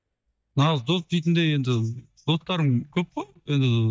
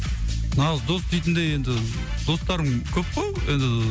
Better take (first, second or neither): second